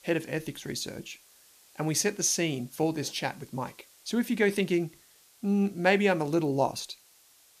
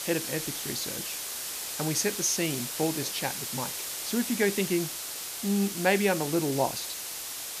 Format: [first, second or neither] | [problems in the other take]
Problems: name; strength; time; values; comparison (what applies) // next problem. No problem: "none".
first | hiss; loud; throughout; 3 dB below the speech; faint in the first